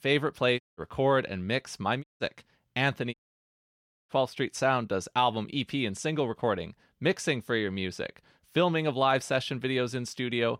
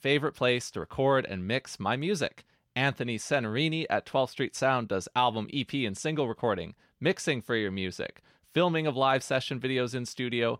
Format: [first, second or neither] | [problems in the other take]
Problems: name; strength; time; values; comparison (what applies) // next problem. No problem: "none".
second | audio cutting out; at 0.5 s, at 2 s and at 3 s for 1 s